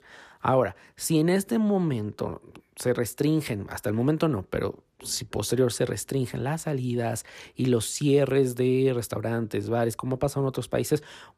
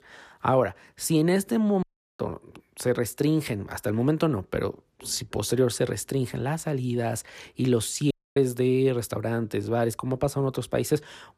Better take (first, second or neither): first